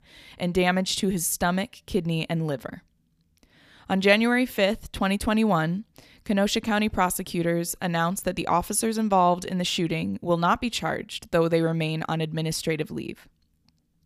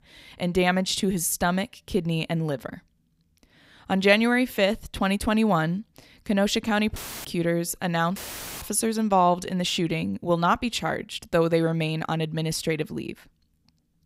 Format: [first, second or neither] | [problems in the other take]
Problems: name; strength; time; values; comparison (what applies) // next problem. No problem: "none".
first | audio cutting out; filled with static; at 7 s and at 8 s